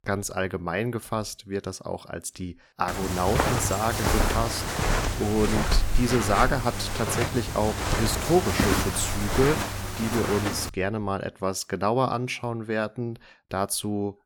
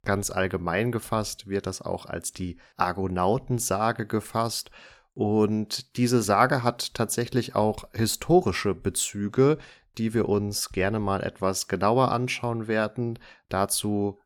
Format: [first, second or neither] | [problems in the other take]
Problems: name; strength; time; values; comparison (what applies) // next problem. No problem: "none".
second | footsteps; loud; from 3 to 11 s; peak 4 dB above the speech